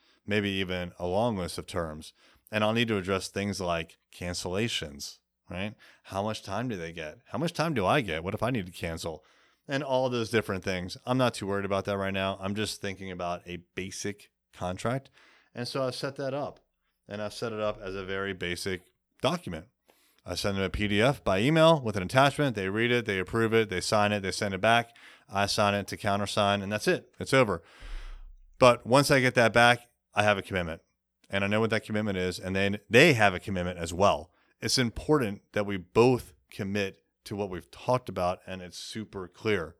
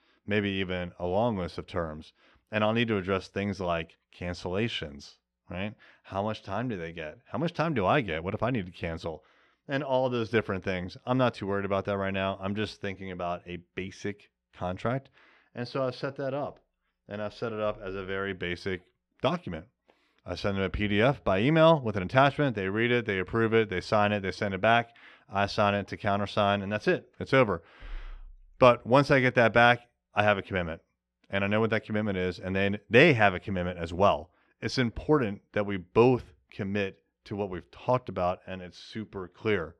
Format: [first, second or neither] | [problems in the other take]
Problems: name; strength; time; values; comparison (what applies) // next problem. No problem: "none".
first | muffled; slightly; fading above 3 kHz